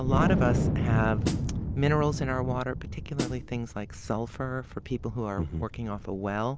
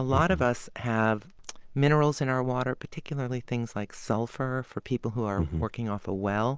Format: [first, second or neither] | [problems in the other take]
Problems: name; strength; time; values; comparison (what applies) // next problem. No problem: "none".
second | background sound (Wind + Snare drum); 1 dB below the speech